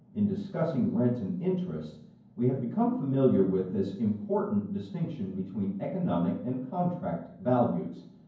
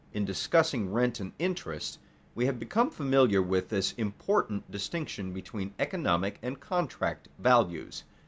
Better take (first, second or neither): second